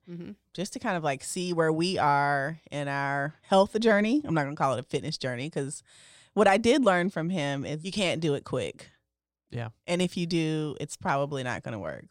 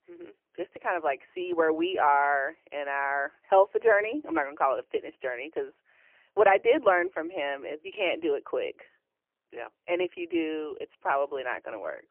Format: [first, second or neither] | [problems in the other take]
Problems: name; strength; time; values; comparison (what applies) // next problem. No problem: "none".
first | phone-call audio; poor line; nothing above 3 kHz